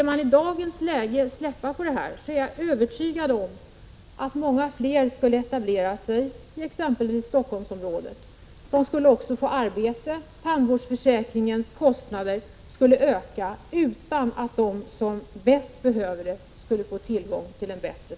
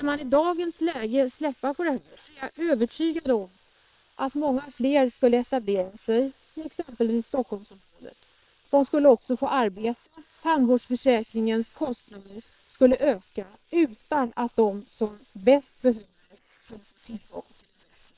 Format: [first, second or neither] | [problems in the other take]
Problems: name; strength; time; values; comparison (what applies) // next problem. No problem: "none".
first | noise reduction (neural separator model SepFormer WHAM!)